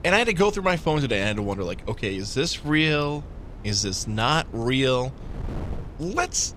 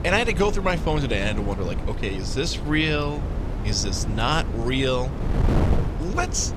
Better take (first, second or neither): first